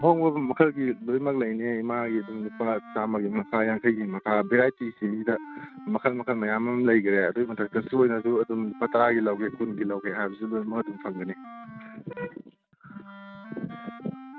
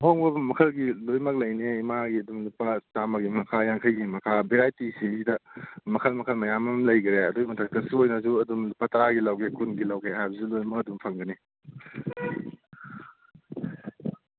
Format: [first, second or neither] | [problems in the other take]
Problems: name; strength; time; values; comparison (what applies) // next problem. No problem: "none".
second | noise reduction (neural mask model RNNoise)